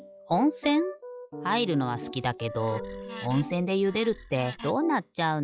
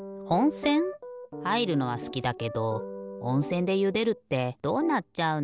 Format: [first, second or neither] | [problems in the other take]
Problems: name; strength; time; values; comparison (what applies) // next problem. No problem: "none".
second | noise reduction (classical method log-MMSE)